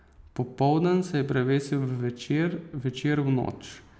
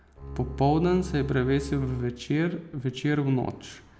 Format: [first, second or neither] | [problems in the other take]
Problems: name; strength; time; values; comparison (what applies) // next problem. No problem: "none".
first | background sound (Bowed string instrument); 11 dB below the speech